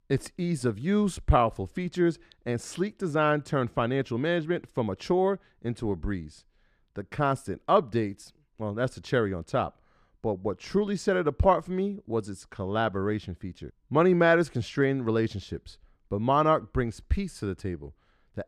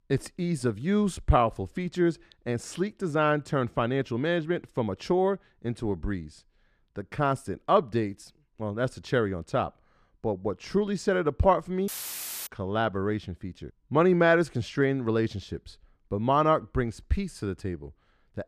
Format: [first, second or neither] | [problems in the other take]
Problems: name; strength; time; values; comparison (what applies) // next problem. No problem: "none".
first | audio cutting out; filled with static; at 12 s for 0.5 s